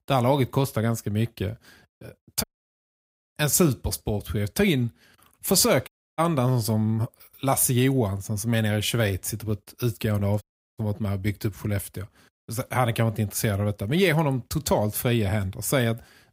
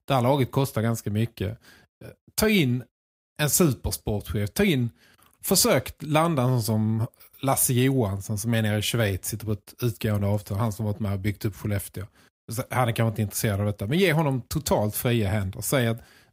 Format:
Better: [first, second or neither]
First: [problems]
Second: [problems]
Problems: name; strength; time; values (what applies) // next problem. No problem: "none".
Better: second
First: audio cutting out; at 2.5 s, at 6 s and at 10 s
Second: none